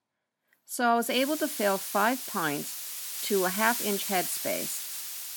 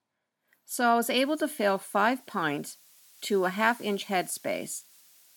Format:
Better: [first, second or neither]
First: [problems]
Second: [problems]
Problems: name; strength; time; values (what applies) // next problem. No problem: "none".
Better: second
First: hiss; loud; from 1 s on; 4 dB below the speech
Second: hiss; faint; from 1 s on; 25 dB below the speech